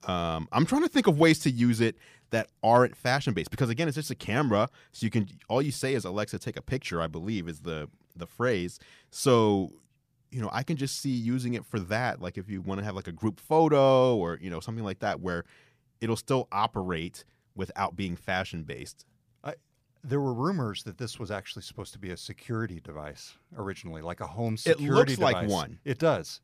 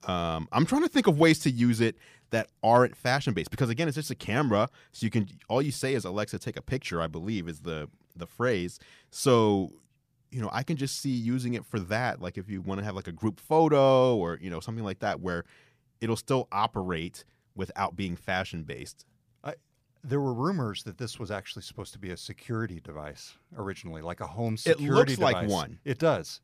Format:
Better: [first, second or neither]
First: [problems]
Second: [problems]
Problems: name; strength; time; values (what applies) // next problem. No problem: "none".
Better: neither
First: none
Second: none